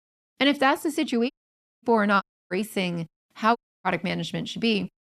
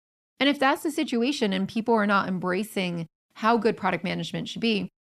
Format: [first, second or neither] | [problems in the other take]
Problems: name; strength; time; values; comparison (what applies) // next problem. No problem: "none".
second | audio cutting out; at 1.5 s for 0.5 s, at 2 s and at 3.5 s